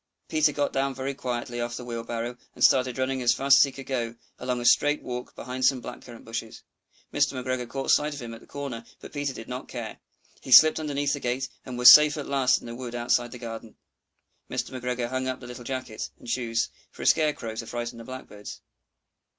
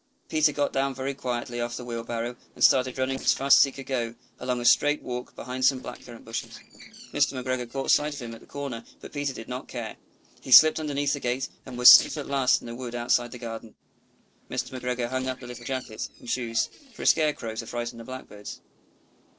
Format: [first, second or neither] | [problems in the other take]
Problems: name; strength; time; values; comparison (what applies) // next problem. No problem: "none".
first | noise reduction (neural separator model SepFormer DNS4)